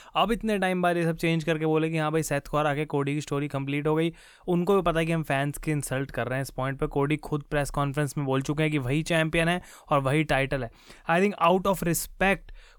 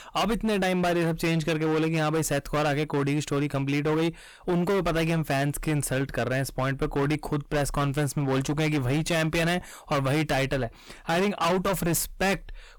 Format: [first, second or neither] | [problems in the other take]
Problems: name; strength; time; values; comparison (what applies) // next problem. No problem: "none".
first | distortion; heavy; 21% of the sound clipped